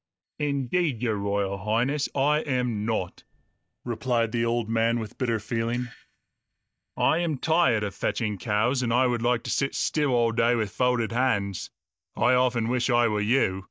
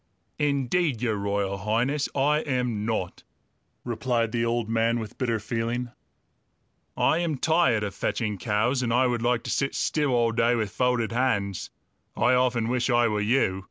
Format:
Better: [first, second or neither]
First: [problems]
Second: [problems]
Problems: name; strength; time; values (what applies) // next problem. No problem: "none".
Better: second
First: noise reduction (neural mask model DeepFilterNet 3)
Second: none